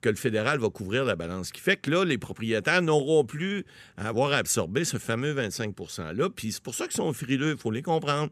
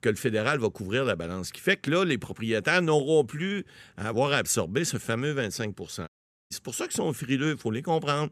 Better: first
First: none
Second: audio cutting out; at 6 s

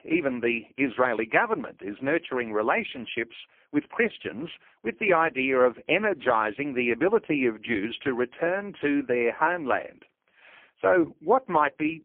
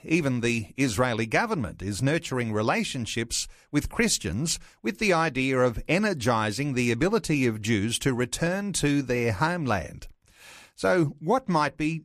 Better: second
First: phone-call audio; poor line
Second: none

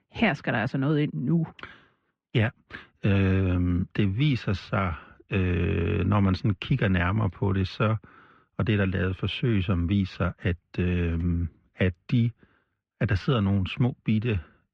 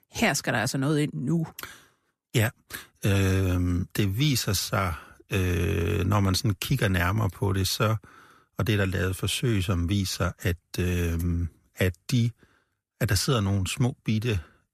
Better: second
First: muffled; very; fading above 3 kHz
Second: none

